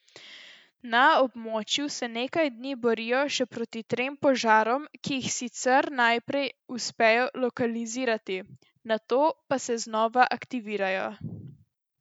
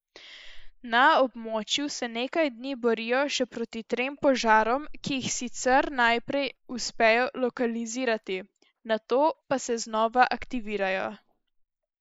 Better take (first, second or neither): first